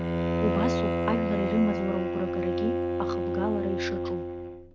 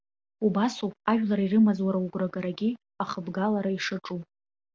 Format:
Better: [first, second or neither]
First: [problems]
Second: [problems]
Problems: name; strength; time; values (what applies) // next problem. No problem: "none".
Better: second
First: background sound (Bowed string instrument); 3 dB above the speech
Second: none